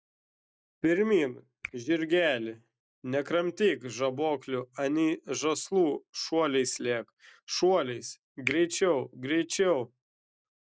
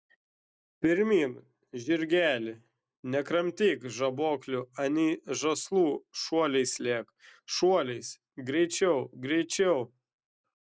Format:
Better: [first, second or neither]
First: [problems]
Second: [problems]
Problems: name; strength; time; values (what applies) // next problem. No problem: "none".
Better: second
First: noise reduction (neural mask model DeepFilterNet 3)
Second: none